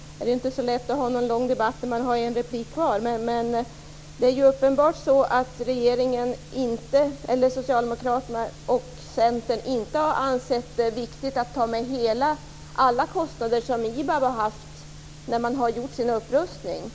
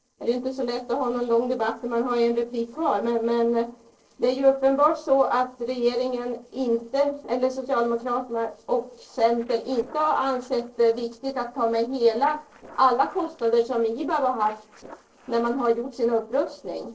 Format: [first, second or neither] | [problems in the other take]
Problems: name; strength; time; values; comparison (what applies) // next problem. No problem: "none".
first | noise reduction (neural separator model SepFormer DNS4)